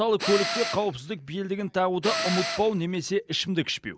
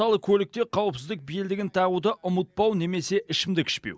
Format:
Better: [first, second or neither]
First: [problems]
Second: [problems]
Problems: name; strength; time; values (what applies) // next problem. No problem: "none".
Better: second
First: background sound (Tools); 6 dB below the speech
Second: none